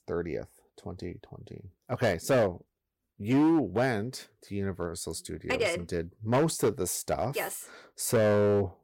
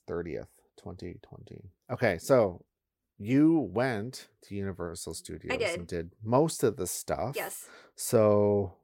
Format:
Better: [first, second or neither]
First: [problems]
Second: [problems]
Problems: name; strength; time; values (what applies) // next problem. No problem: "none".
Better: second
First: distortion; slight; 5% of the sound clipped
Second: none